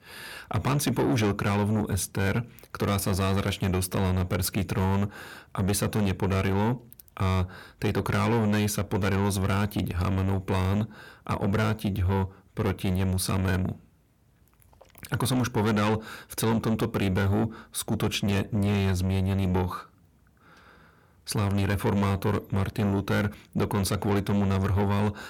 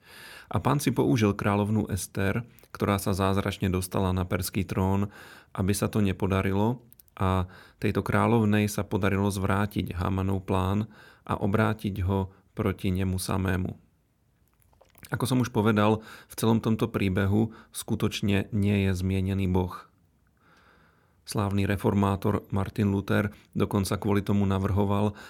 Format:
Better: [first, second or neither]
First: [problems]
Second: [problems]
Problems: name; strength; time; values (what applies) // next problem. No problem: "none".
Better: second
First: distortion; heavy; 8 dB below the speech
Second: none